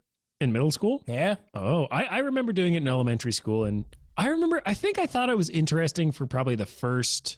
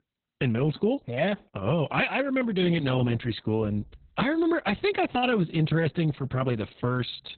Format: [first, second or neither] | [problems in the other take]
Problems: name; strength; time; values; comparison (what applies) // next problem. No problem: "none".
first | garbled, watery; badly; nothing above 4 kHz; slightly in the first